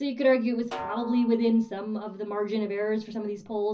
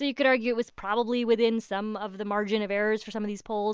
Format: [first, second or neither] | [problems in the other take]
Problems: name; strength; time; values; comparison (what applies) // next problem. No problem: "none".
second | background sound (Snare drum); 16 dB below the speech // room echo; dies away in 0.4 s